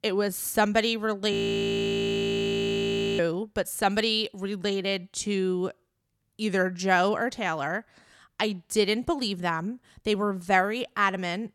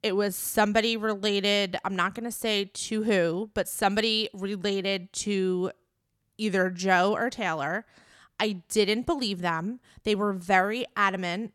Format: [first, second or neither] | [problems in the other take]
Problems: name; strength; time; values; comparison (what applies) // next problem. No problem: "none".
second | audio freezing; at 1.5 s for 2 s